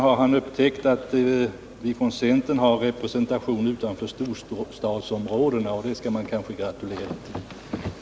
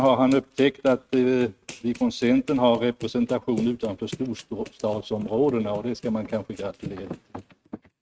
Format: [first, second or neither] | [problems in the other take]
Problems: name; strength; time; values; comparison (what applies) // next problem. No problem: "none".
first | noise reduction (neural mask model RNNoise)